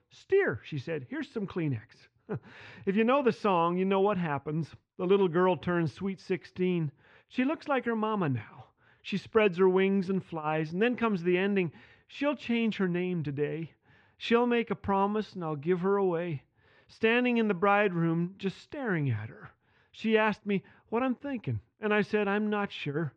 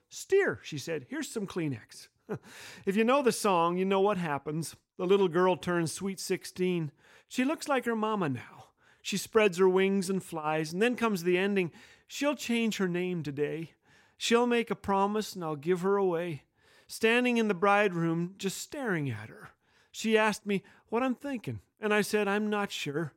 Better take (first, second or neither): second